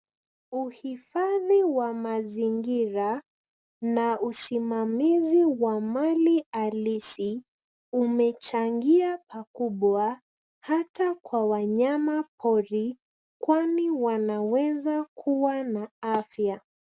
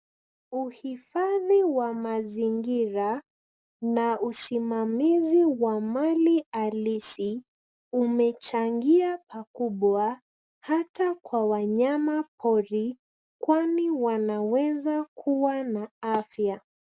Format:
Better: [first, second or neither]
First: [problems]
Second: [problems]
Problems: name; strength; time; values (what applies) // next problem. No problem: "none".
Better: first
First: none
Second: noise reduction (neural mask model Resemble Enhance denoiser)